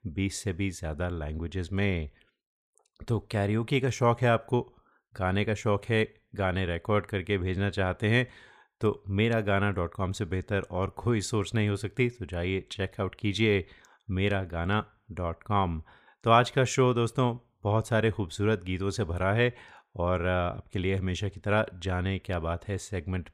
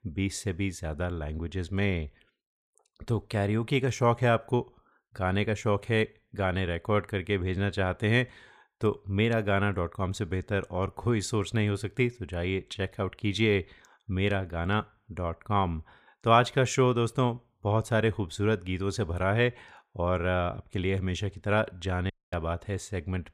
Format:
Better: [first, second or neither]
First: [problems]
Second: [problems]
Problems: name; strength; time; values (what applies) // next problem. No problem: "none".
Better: first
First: none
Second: audio cutting out; at 22 s